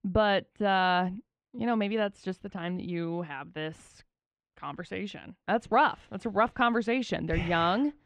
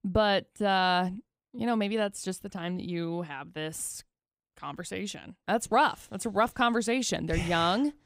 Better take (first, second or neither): second